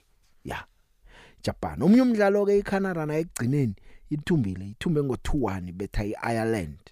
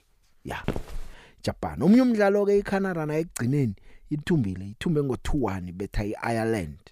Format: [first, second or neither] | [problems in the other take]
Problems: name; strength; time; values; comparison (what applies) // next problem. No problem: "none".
first | footsteps; noticeable; at 0.5 s; peak 8 dB below the speech